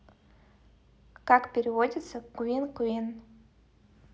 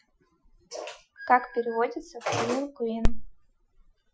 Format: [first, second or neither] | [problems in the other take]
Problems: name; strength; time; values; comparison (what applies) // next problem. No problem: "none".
first | noise reduction (classical method Wiener filter)